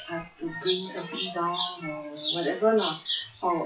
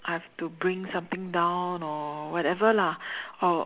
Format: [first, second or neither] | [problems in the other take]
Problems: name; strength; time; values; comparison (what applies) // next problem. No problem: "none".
second | noise reduction (classical method WPE with log-MMSE)